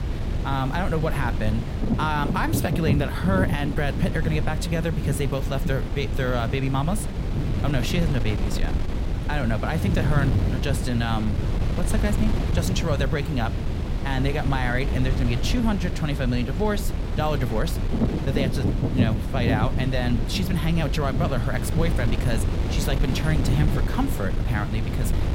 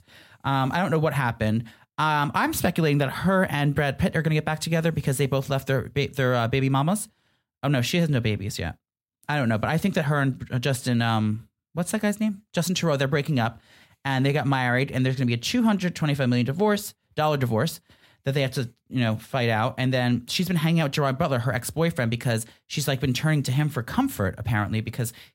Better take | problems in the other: second | wind noise on the microphone; heavy; 5 dB below the speech

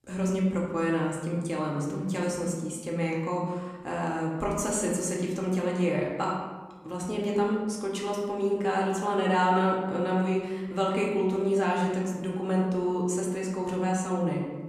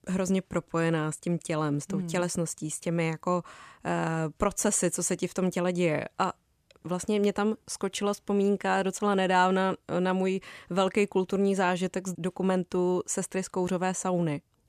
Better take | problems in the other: second | room echo; noticeable; dies away in 1.1 s // off-mic speech; far

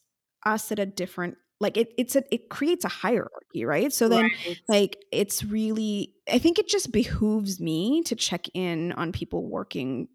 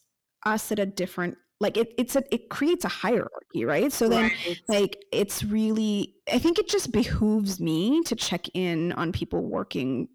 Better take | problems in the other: first | distortion; slight; 10 dB below the speech

